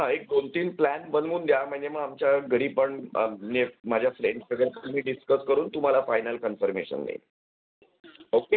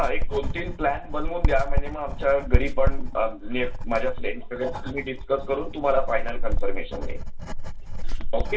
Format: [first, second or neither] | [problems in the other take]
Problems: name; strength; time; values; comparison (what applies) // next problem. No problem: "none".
first | background sound (Writing); 5 dB above the speech // room echo; dies away in 0.2 s